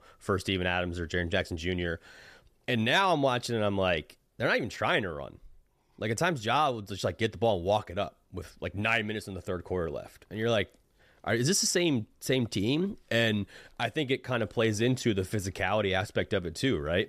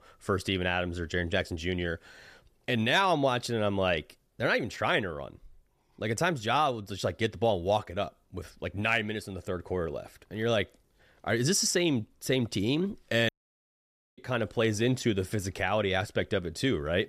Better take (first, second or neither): first